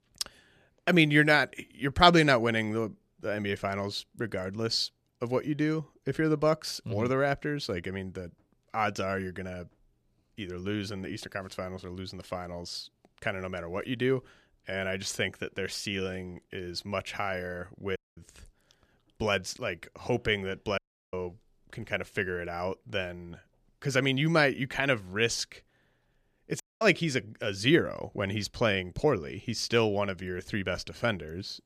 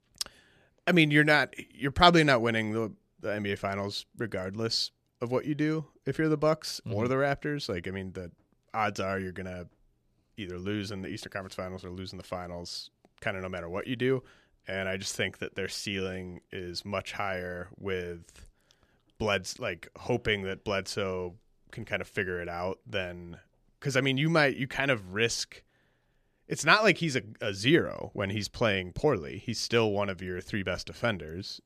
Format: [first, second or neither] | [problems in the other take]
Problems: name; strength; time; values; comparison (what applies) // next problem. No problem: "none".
second | audio cutting out; at 18 s, at 21 s and at 27 s